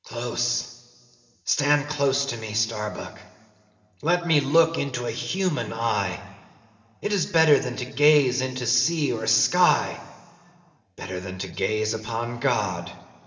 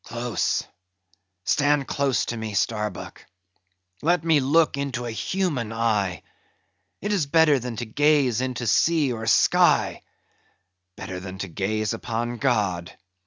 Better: second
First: room echo; dies away in 3 s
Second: none

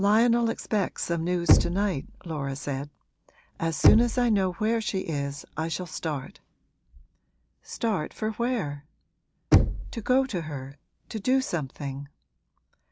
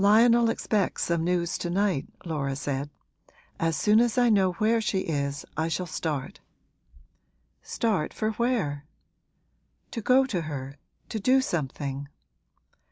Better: second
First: background sound (Knock); as loud as the speech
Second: none

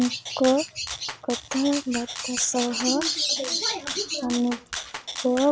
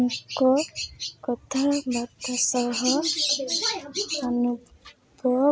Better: second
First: background sound (Rattle (instrument)); 11 dB below the speech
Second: none

